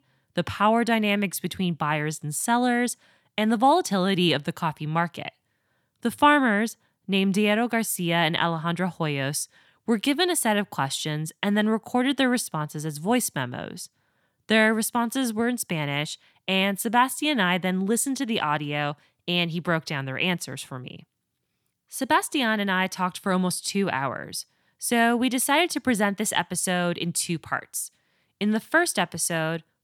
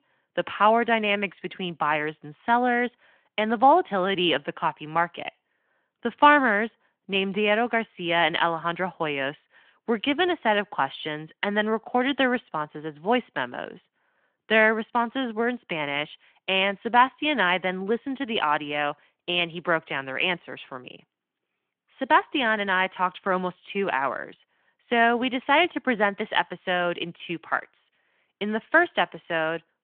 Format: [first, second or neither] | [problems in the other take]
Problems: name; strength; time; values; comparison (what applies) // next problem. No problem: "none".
first | phone-call audio; nothing above 3.5 kHz